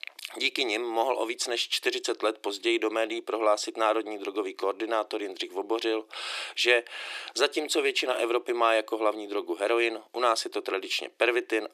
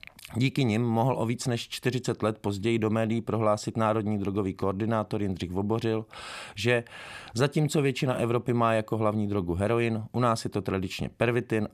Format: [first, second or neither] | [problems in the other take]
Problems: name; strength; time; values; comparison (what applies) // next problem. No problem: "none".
second | thin; very; fading below 350 Hz